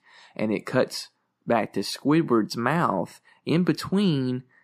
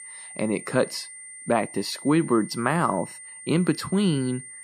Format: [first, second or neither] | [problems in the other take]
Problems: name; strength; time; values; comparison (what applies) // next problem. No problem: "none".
first | high-pitched whine; noticeable; throughout; 9 kHz, 15 dB below the speech